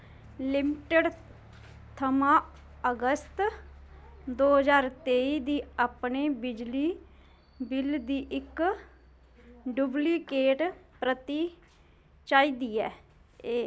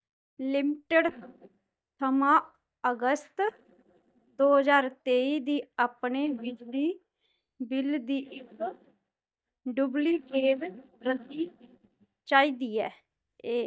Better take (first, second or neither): first